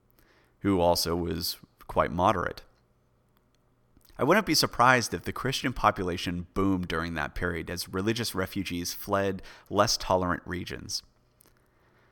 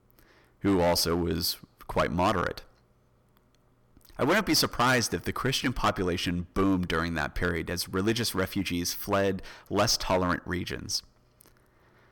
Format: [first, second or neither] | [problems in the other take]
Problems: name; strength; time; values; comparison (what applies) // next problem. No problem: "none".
first | distortion; heavy; 5% of the sound clipped